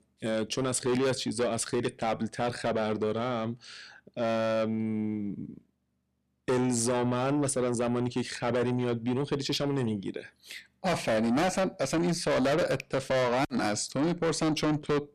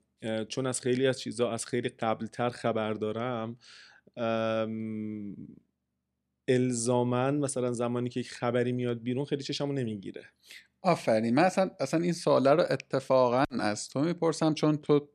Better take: second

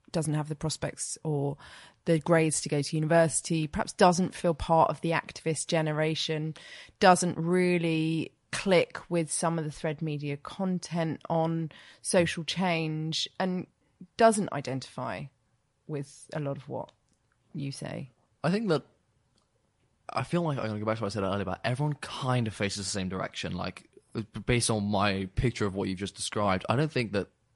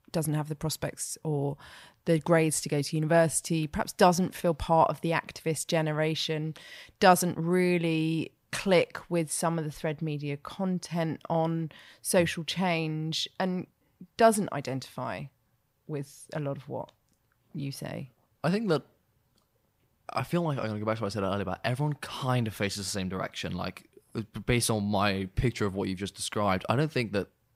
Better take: second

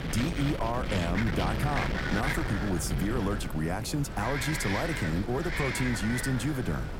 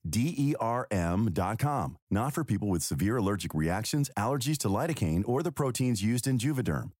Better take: second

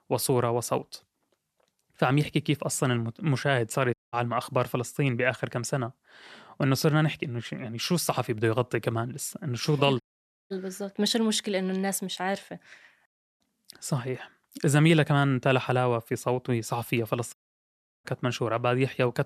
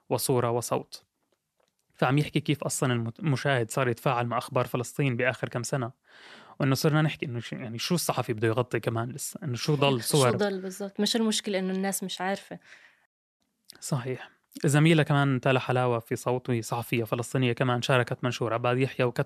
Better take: second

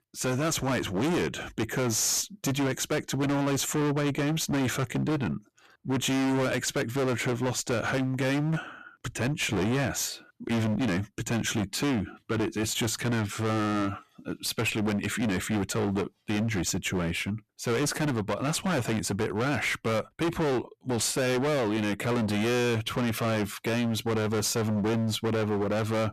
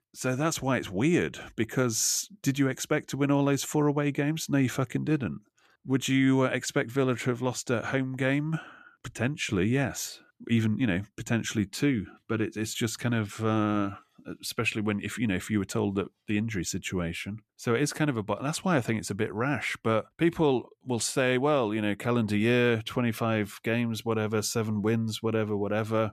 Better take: second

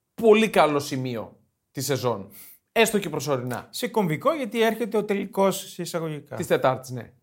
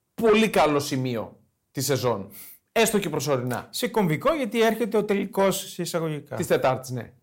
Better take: first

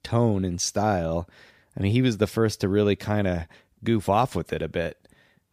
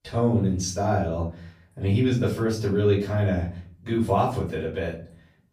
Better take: first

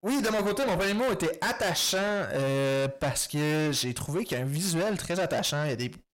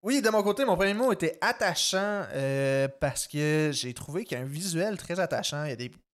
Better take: second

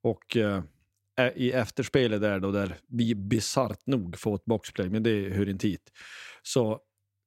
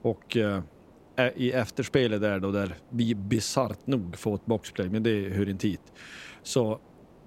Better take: first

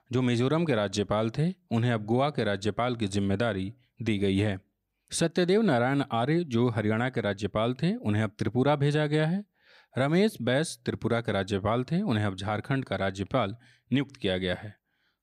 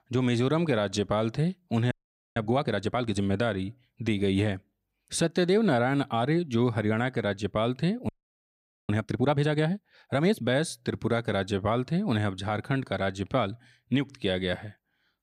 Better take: first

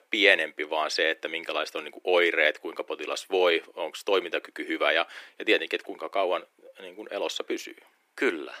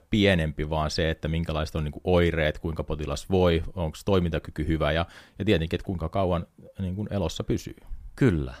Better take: second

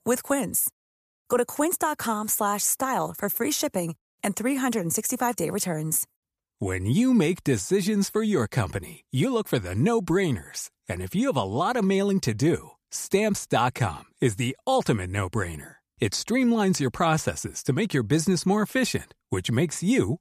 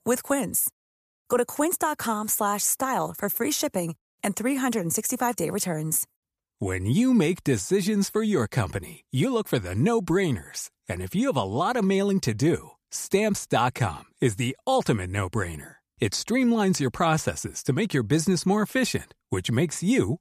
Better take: neither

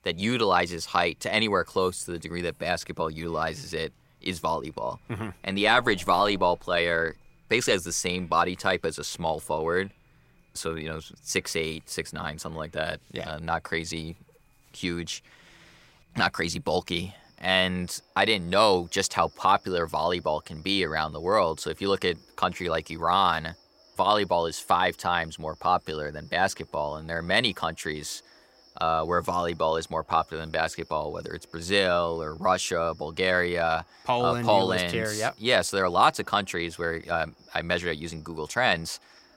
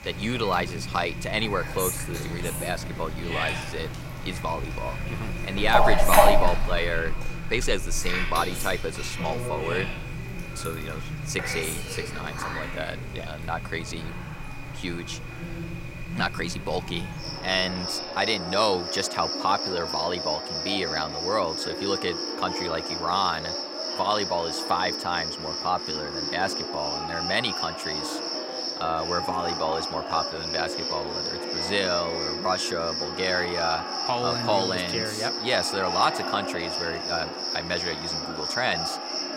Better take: first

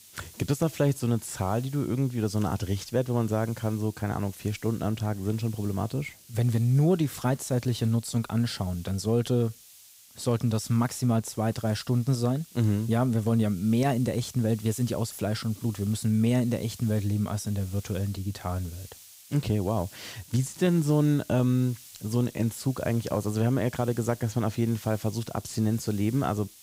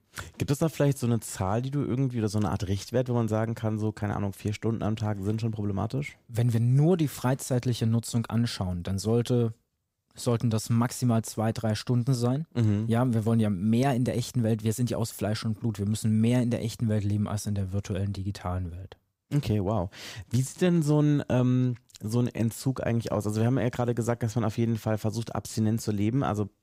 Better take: second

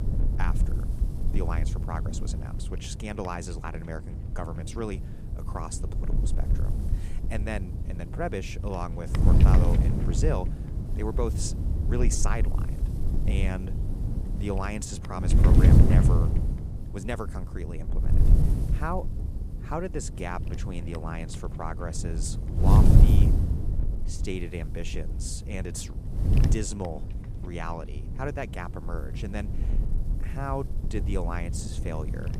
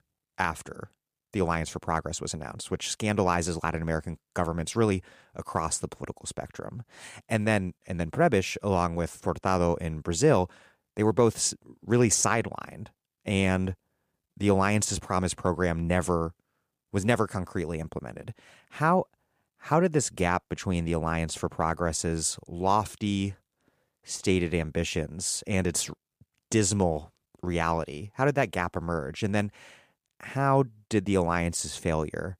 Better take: second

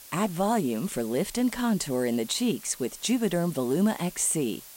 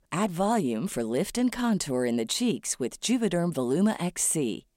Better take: second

